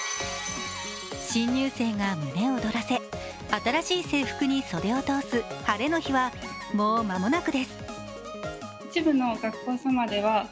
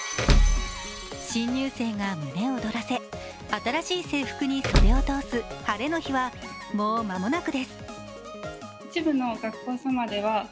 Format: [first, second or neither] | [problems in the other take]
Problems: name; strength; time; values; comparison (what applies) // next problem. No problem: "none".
first | background sound (Door / Car); 4 dB above the speech